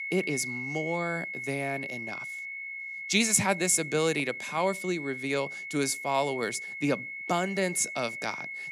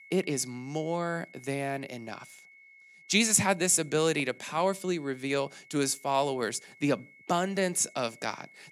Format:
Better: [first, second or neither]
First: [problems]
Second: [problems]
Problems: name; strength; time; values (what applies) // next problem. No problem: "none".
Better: second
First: high-pitched whine; loud; throughout; 2 kHz, 7 dB below the speech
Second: high-pitched whine; faint; throughout; 2 kHz, 25 dB below the speech